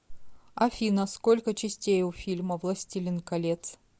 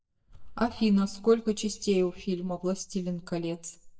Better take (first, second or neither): first